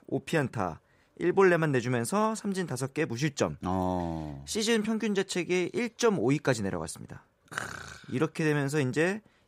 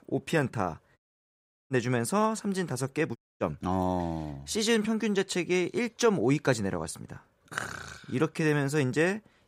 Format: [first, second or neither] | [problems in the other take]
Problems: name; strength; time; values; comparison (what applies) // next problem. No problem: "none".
first | audio cutting out; at 1 s for 0.5 s and at 3 s